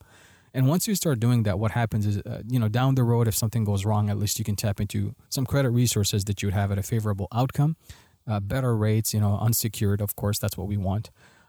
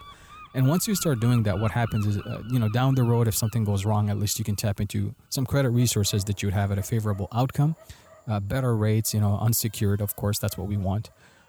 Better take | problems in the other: first | animal sounds; faint; throughout; 20 dB below the speech

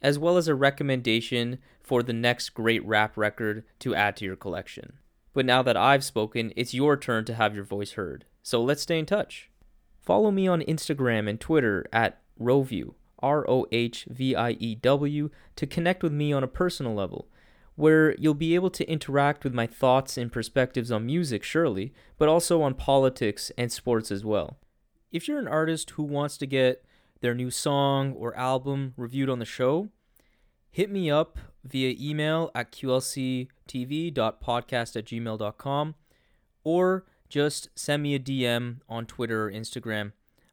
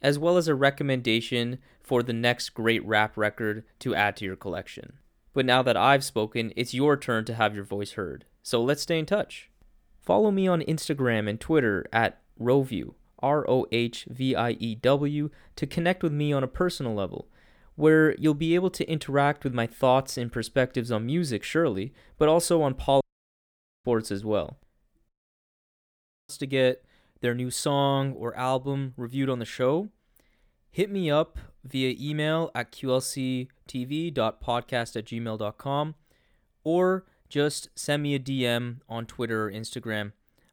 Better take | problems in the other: first | audio cutting out; at 23 s for 1 s and at 25 s for 1 s

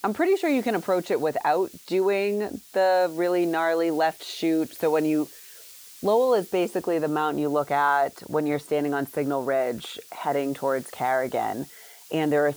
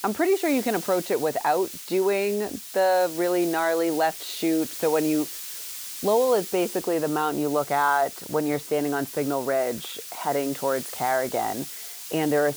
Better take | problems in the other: first | hiss; loud; throughout; 10 dB below the speech; faint in the first

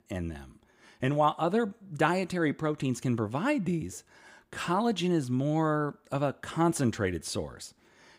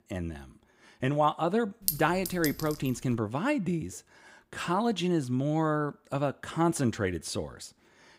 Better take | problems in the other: first | clattering dishes; noticeable; at 2 s; peak 1 dB below the speech

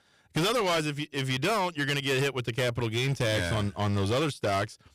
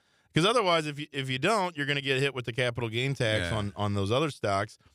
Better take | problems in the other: second | distortion; heavy; 18% of the sound clipped

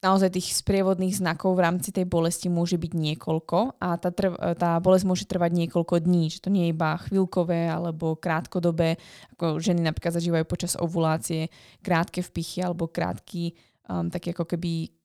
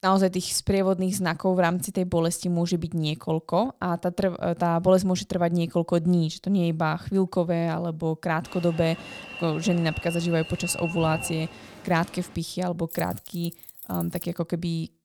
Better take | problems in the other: first | alarm; noticeable; from 8.5 to 12 s; peak 7 dB below the speech // jangling keys; faint; from 13 to 14 s; peak 10 dB below the speech

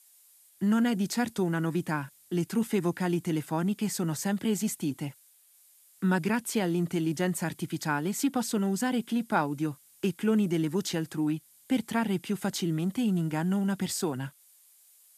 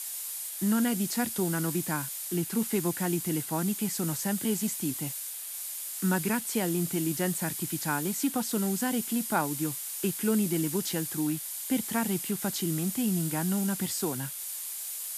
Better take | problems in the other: first | hiss; loud; throughout; 3 dB below the speech; faint in the first

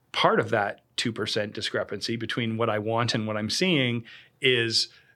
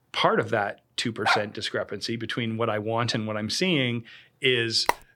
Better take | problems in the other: first | dog barking; loud; at 1.5 s; peak 1 dB above the speech // phone ringing; very faint; at 5 s; peak 3 dB below the speech

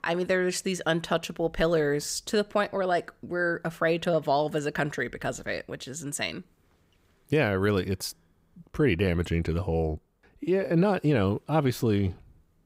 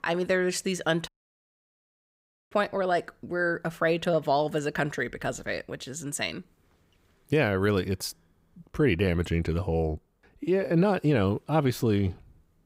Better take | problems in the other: first | audio cutting out; at 1 s for 1.5 s

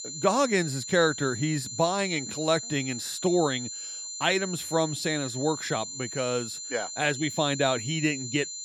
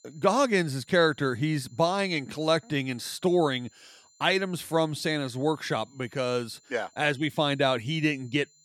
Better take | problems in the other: second | high-pitched whine; loud; throughout; 7 kHz, 7 dB below the speech; faint in the second

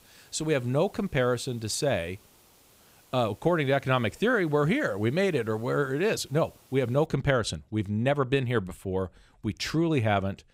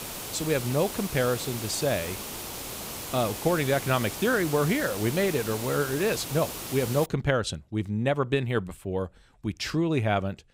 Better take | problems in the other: first | hiss; loud; until 7 s; 7 dB below the speech; faint in the first

